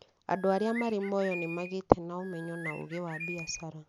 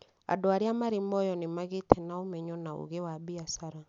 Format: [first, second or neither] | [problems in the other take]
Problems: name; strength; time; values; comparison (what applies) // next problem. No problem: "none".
second | background sound (Bird); 11 dB below the speech